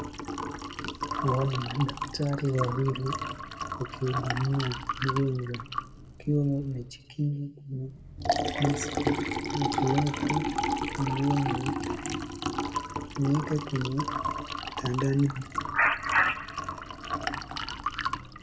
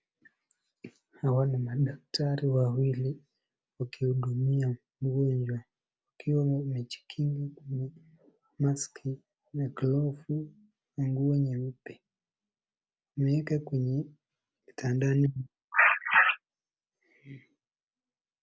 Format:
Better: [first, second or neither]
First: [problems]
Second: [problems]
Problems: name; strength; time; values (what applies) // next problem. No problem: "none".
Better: second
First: background sound (Liquid); 2 dB below the speech // room echo; dies away in 1.3 s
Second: none